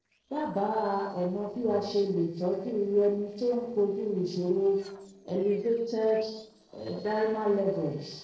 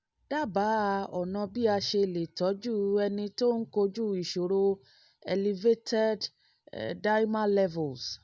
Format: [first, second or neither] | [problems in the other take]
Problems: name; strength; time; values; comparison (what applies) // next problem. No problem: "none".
second | noise reduction (neural separator model SepFormer DNS4)